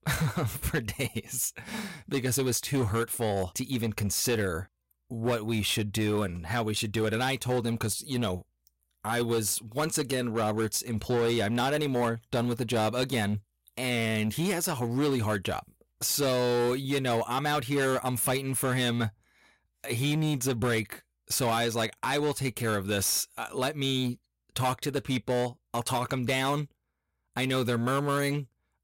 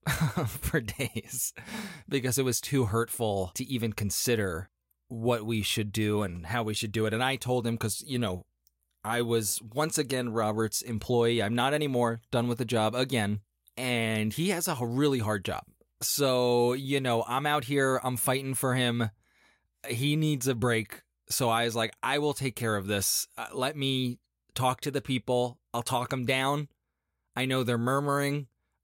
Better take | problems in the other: second | distortion; slight; 10% of the sound clipped

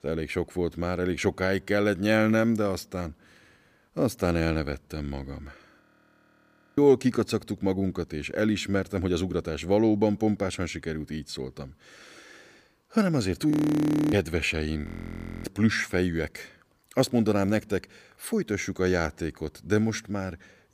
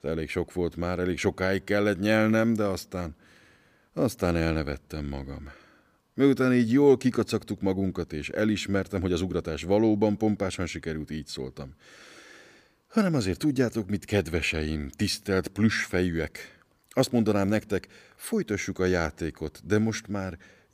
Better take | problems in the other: second | audio freezing; at 6 s for 1 s, at 14 s for 0.5 s and at 15 s for 0.5 s

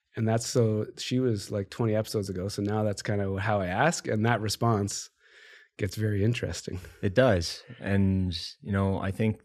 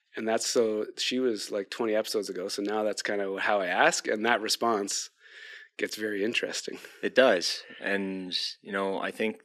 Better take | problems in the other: first | thin; somewhat; fading below 250 Hz

